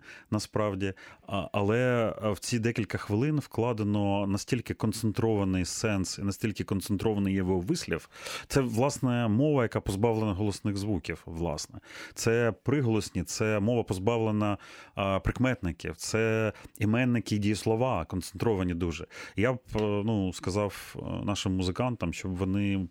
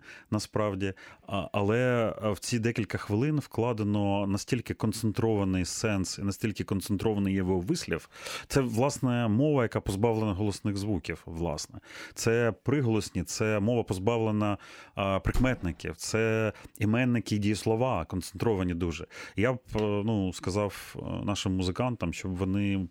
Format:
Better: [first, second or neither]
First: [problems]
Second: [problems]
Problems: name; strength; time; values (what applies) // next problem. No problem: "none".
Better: first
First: none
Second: door banging; noticeable; at 15 s; peak 9 dB below the speech